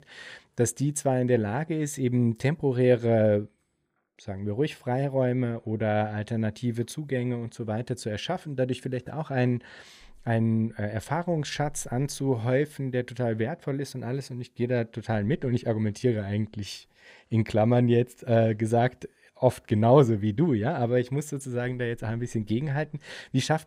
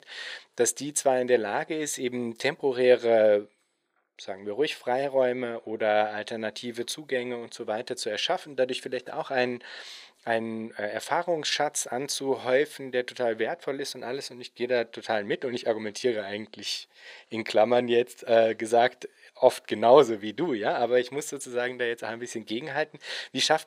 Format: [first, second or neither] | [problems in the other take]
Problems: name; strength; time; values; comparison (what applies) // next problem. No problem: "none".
first | thin; somewhat; fading below 500 Hz